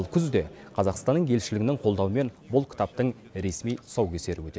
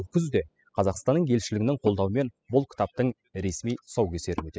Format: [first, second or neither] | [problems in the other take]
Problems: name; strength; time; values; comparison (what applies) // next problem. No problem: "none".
first | noise reduction (classical method spectral subtraction)